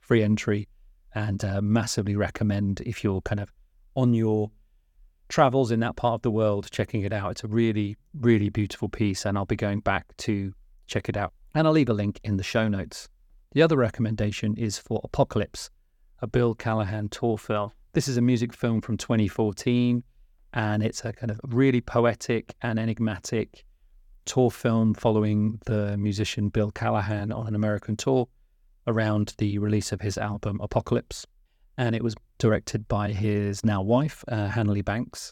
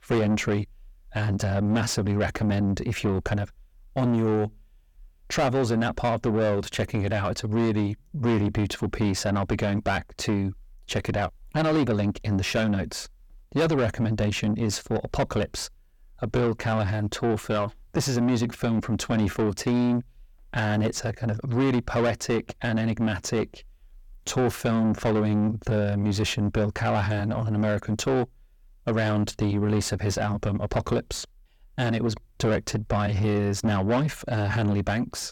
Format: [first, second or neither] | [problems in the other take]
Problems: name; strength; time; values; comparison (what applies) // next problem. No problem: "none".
first | distortion; heavy; 5 dB below the speech